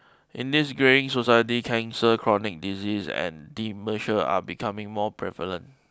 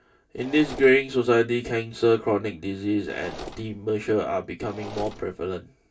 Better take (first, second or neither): first